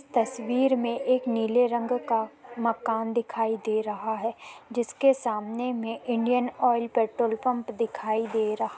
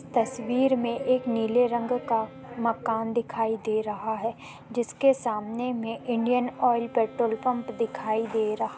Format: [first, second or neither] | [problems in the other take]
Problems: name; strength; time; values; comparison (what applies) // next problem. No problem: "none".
first | background sound (Drum + Wind instrument, woodwind instrument); 19 dB below the speech